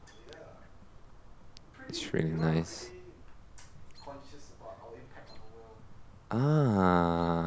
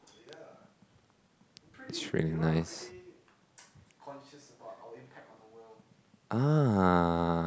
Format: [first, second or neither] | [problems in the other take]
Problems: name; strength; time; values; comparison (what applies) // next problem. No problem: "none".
second | background sound (Chirp, tweet); 17 dB below the speech